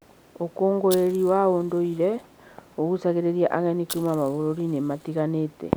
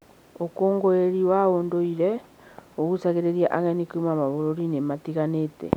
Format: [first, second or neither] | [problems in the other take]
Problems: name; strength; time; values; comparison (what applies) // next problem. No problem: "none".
second | background sound (Fire); 18 dB below the speech